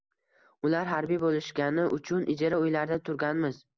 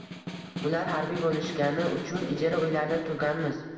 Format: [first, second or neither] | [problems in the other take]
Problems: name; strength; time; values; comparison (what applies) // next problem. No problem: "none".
first | background sound (Snare drum); 9 dB below the speech // room echo; dies away in 2.3 s